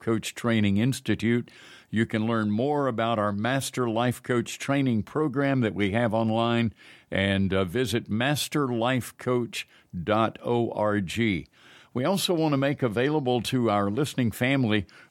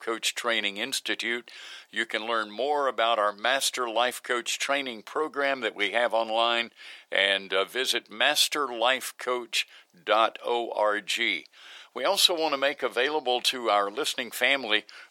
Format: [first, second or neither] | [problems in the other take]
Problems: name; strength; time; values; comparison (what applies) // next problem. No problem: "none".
first | thin; very; fading below 500 Hz